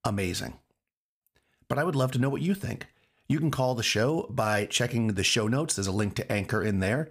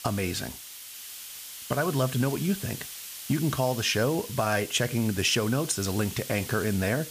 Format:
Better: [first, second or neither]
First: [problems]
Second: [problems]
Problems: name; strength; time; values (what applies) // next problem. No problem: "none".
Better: first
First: none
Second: hiss; noticeable; throughout; 10 dB below the speech